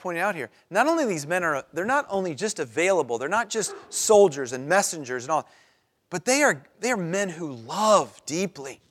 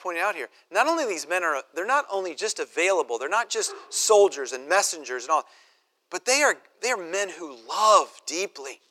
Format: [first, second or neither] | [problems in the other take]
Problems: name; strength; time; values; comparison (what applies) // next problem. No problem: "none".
first | thin; somewhat; fading below 350 Hz